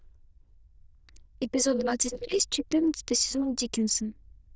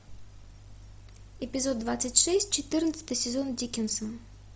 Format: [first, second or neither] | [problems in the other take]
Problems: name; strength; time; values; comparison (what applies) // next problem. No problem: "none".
second | noise reduction (neural diffusion model UNIVERSE++)